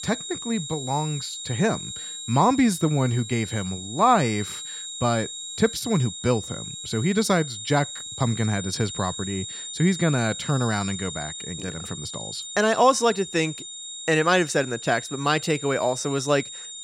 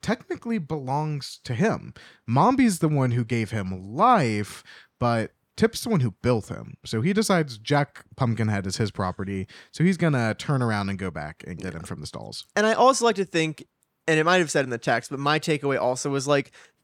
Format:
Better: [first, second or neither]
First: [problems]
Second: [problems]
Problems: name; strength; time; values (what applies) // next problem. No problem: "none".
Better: second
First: high-pitched whine; loud; throughout; 4 kHz, 9 dB below the speech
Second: none